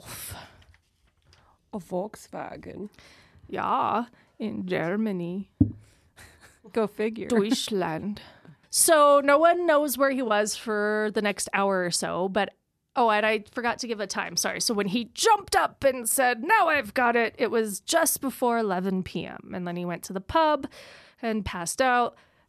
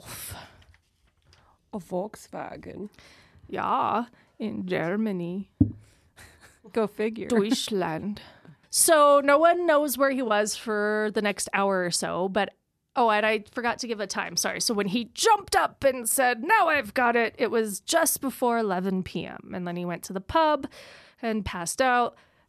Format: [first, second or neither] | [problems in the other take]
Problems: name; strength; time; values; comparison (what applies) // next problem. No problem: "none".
neither | none